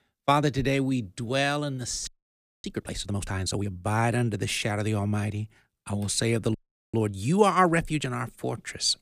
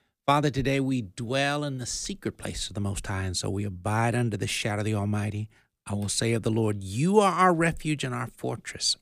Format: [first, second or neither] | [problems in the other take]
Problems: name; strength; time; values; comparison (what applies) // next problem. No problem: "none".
second | audio freezing; at 2 s for 0.5 s and at 6.5 s